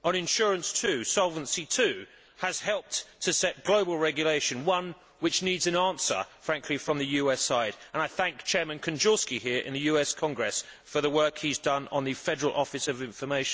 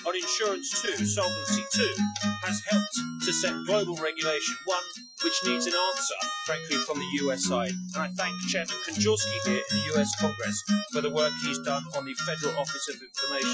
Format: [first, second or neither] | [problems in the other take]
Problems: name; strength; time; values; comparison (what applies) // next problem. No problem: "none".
first | noise reduction (classical method Wiener filter)